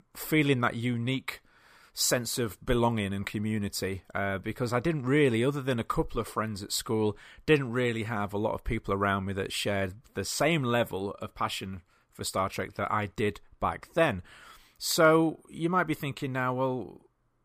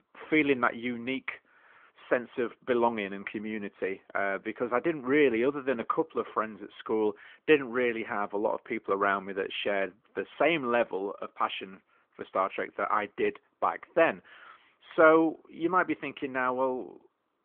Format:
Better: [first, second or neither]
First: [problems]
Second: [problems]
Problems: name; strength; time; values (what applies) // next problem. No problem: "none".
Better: first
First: none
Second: phone-call audio; nothing above 3.5 kHz